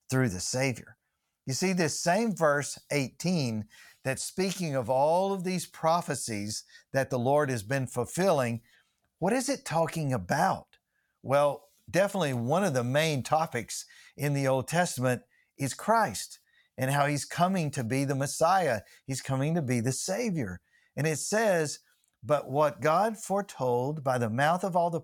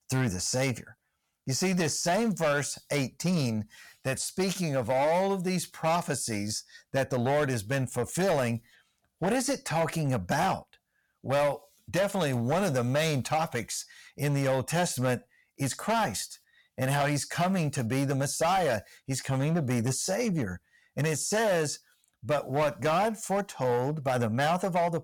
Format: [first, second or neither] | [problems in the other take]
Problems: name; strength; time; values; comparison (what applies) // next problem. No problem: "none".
first | distortion; slight; 10% of the sound clipped